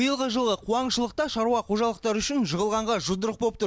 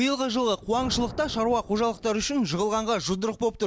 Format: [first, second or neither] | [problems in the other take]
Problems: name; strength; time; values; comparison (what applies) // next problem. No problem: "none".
first | background sound (Thunder); 17 dB below the speech